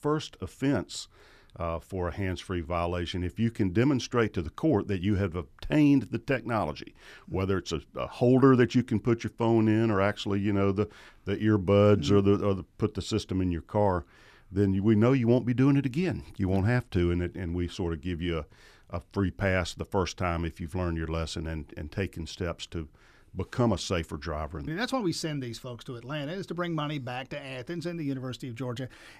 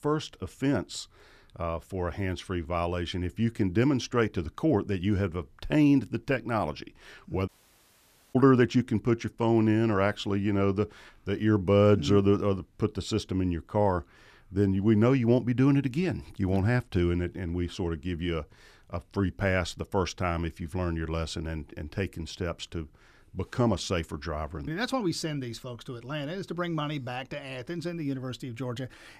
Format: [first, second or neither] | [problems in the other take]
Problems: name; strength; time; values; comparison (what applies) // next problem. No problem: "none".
first | audio cutting out; at 7.5 s for 1 s